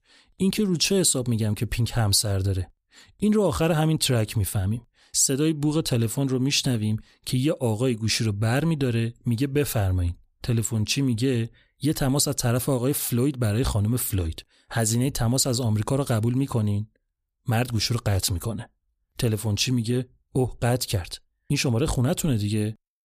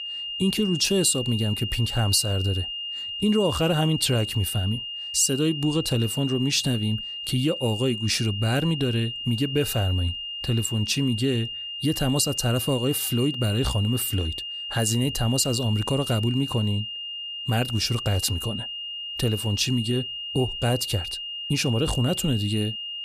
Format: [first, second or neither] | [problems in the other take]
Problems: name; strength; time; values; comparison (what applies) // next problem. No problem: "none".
first | high-pitched whine; loud; throughout; 3 kHz, 6 dB below the speech